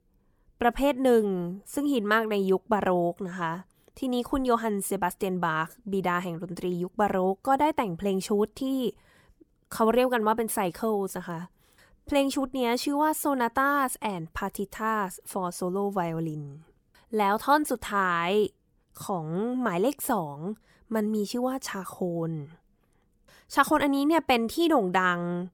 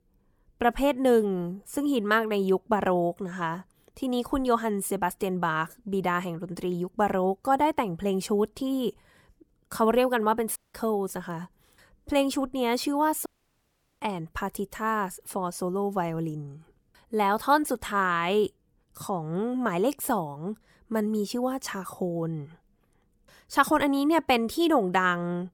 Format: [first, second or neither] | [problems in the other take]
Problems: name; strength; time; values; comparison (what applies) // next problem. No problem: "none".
first | audio cutting out; at 11 s and at 13 s for 0.5 s